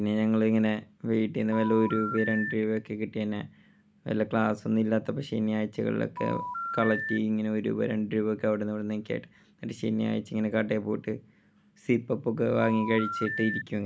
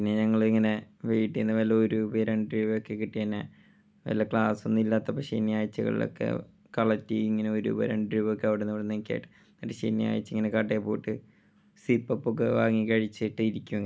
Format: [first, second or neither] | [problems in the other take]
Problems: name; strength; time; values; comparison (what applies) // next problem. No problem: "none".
second | background sound (Telephone); 6 dB below the speech